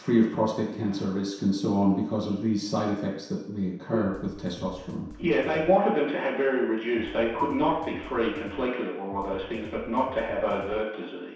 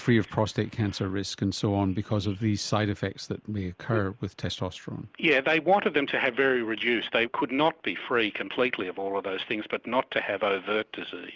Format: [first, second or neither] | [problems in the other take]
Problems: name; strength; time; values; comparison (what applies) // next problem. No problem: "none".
second | background sound (Drum kit); 18 dB below the speech // room echo; dies away in 0.7 s